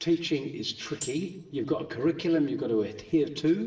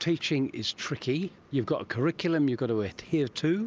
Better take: second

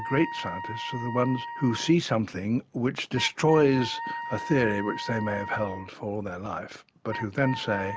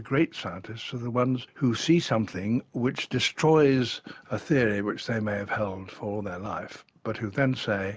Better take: second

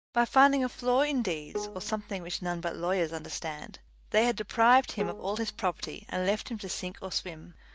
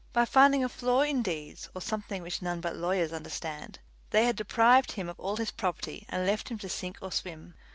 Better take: second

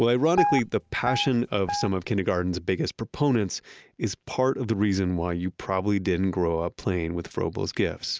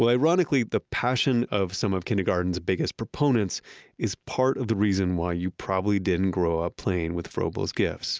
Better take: second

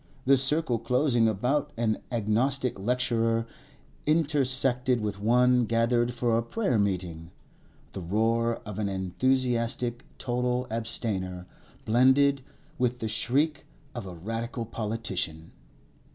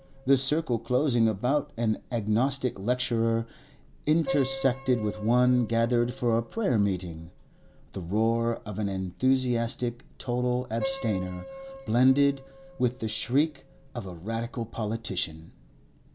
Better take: first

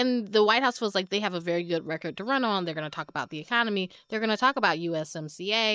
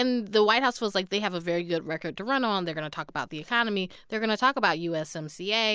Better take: second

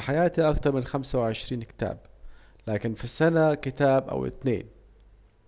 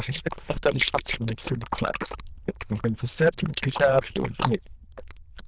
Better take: first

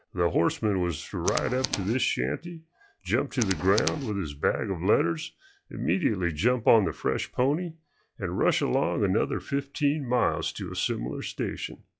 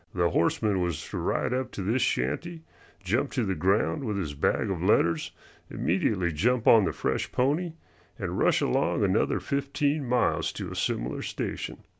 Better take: second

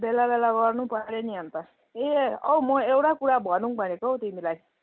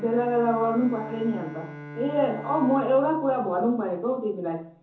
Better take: first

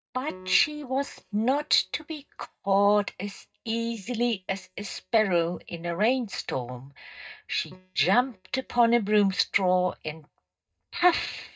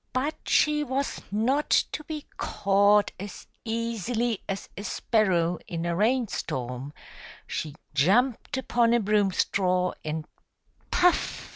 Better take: second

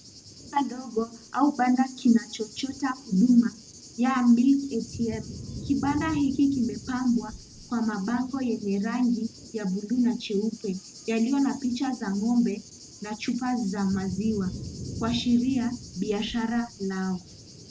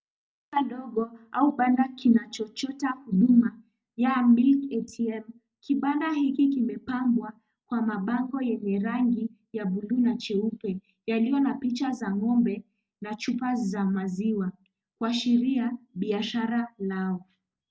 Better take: second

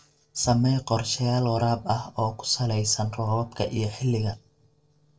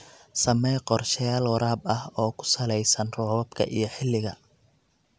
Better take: second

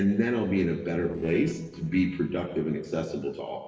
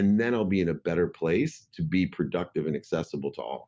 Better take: second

